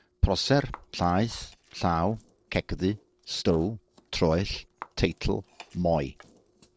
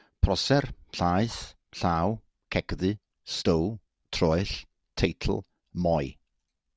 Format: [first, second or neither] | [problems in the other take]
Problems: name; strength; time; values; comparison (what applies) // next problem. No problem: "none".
second | noise reduction (neural separator model SepFormer DNS4)